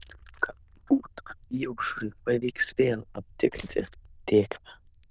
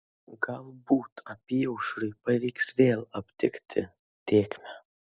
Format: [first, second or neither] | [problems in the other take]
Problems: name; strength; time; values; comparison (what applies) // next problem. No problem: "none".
second | noise reduction (neural diffusion model UNIVERSE++)